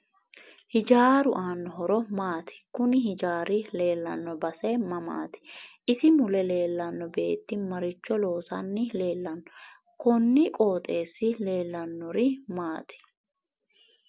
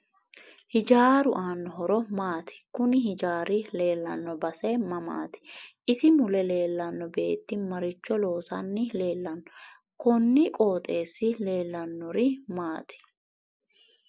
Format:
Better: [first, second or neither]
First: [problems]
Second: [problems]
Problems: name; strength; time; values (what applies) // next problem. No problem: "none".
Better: first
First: none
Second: noise reduction (neural mask model Resemble Enhance denoiser)